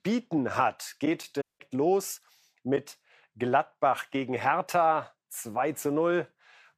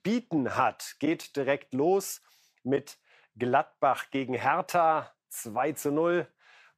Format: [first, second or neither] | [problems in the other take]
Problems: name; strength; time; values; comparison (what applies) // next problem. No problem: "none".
second | audio cutting out; at 1.5 s